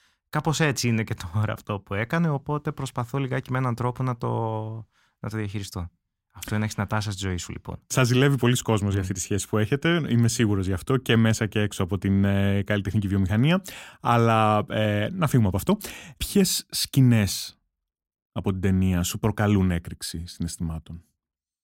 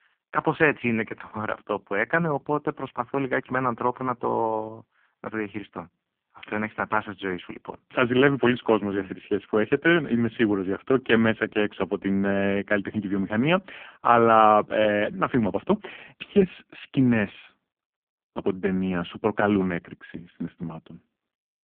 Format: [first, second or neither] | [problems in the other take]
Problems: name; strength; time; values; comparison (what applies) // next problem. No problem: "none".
first | phone-call audio; poor line